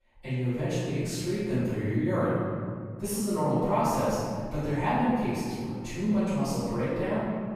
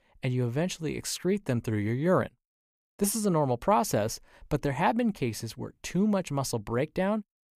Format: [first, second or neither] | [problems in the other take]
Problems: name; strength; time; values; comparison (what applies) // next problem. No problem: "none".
second | off-mic speech; far // room echo; strong; dies away in 2.1 s